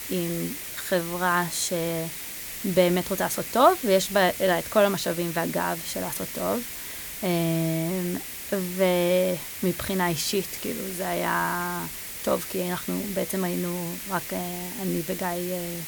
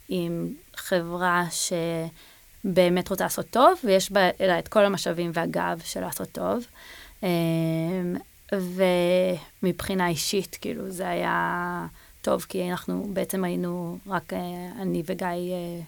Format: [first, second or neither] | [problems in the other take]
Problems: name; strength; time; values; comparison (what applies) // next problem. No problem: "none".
second | hiss; loud; throughout; 7 dB below the speech; faint in the second